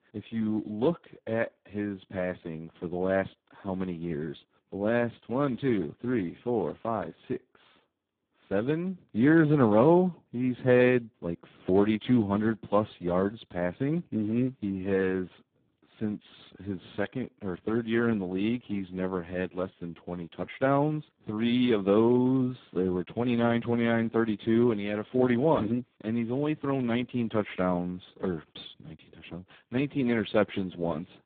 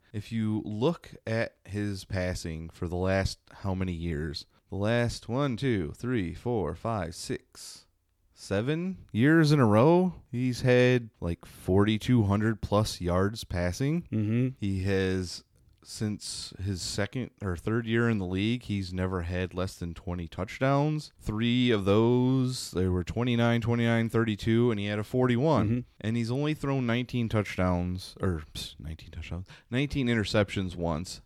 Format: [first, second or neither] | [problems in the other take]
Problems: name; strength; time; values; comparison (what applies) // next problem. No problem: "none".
second | phone-call audio; poor line; nothing above 3.5 kHz